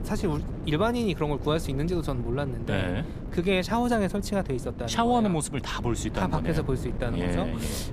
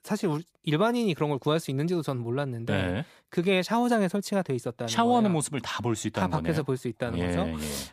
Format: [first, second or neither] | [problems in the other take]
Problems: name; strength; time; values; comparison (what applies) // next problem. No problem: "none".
second | wind noise on the microphone; occasional gusts; 15 dB below the speech